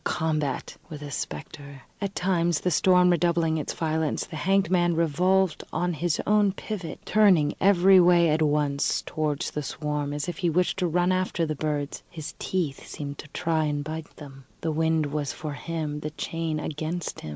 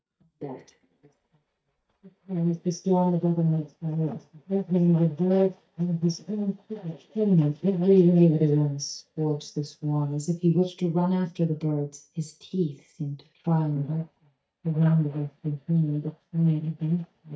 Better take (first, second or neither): first